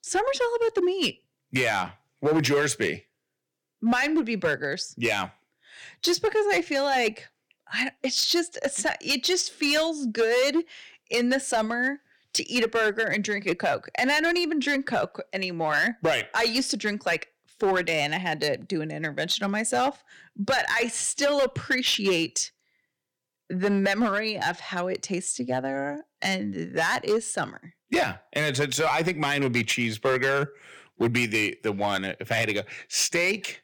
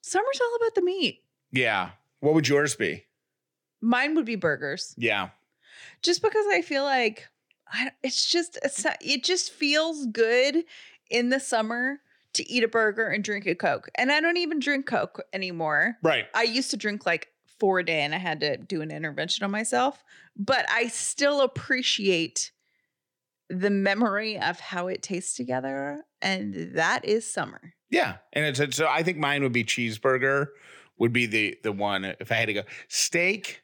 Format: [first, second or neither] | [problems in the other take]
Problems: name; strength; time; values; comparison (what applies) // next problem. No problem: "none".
second | distortion; slight; 6% of the sound clipped